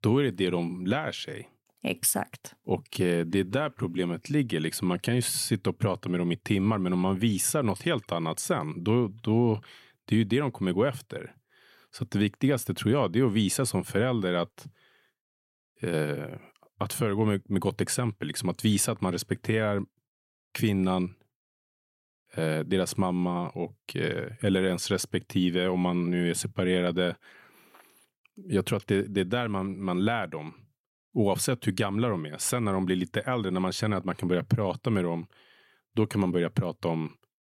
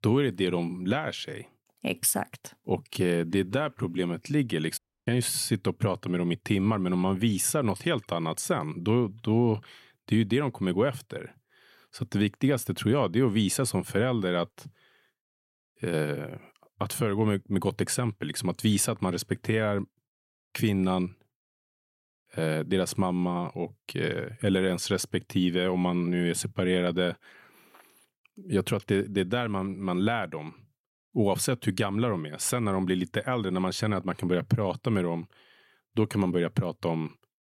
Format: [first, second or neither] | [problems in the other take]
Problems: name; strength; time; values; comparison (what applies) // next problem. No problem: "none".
first | audio cutting out; at 5 s